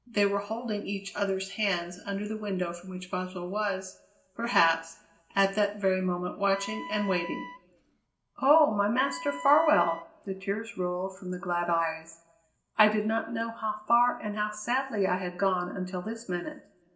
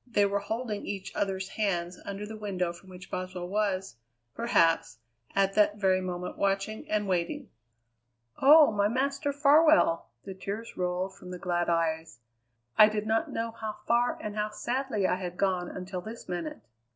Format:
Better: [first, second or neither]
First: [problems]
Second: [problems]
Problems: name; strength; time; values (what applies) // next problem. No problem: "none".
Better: second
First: background sound (Wind instrument, woodwind instrument); 13 dB below the speech // room echo; dies away in 0.5 s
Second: none